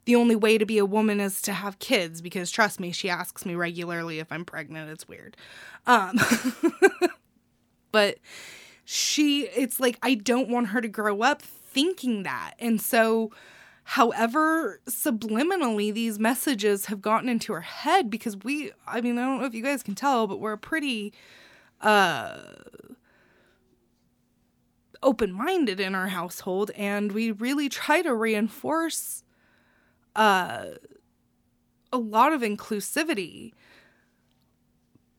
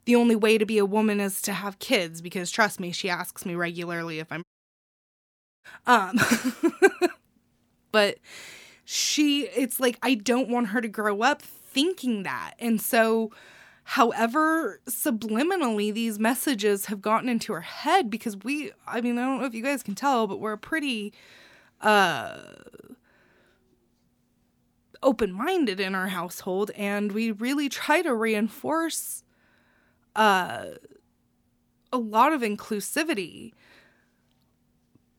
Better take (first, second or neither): first